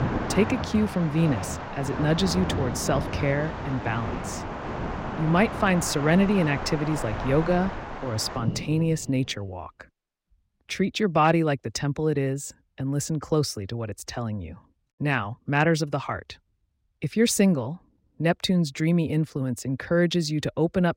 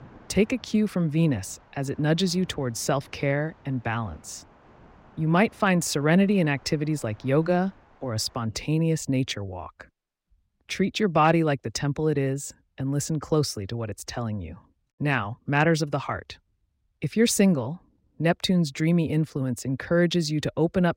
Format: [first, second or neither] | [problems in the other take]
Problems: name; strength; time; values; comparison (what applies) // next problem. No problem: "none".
second | rain or running water; loud; until 9 s; 7 dB below the speech; faint in the second